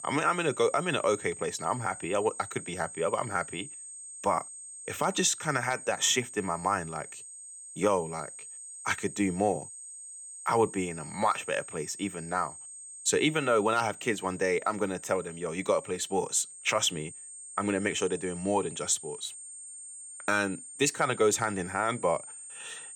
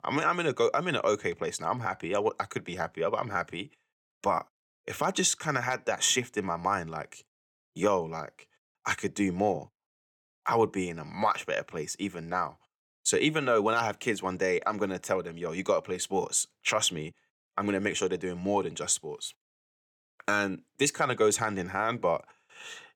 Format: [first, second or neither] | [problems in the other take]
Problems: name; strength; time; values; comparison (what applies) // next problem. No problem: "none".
second | high-pitched whine; noticeable; throughout; 8.5 kHz, 10 dB below the speech